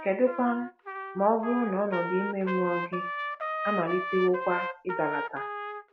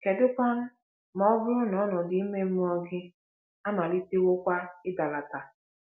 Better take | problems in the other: second | background sound (Trumpet); 6 dB below the speech

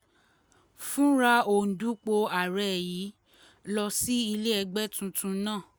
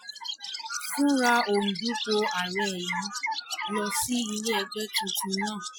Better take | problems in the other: first | noise reduction (classical method Wiener filter)

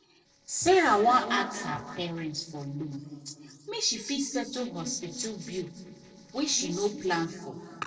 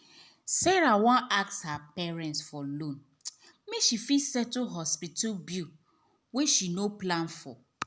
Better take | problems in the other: second | noise reduction (neural separator model SepFormer DNS4)

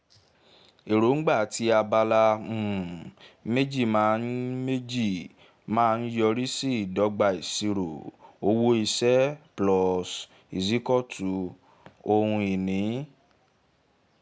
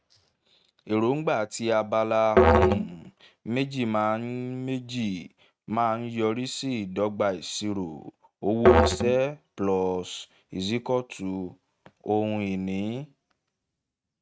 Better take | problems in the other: first | noise reduction (neural mask model RNNoise)

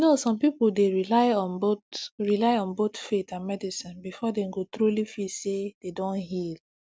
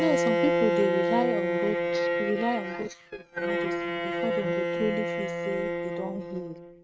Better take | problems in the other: first | noise reduction (neural mask model RNNoise)

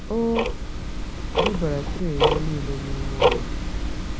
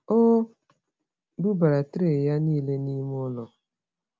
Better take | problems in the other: second | background sound (Tick-tock); 5 dB above the speech

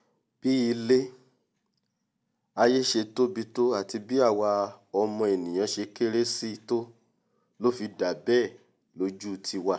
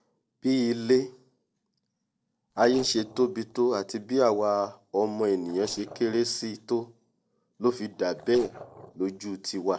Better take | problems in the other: first | noise reduction (neural separator model SepFormer DNS4)

